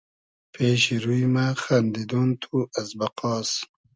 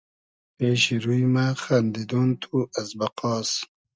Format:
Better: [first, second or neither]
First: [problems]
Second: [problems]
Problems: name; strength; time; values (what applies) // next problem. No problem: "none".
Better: first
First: none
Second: noise reduction (neural mask model DeepFilterNet 3)